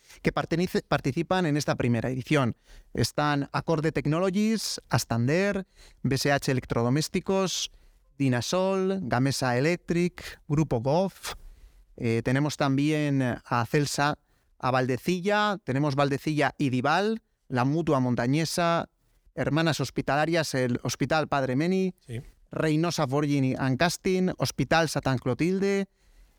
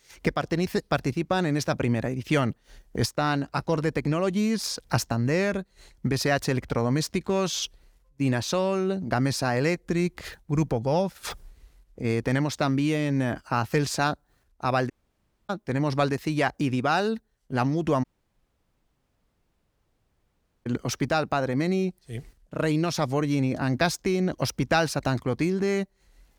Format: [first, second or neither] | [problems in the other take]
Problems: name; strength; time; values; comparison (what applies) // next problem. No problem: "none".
first | audio cutting out; at 15 s for 0.5 s and at 18 s for 2.5 s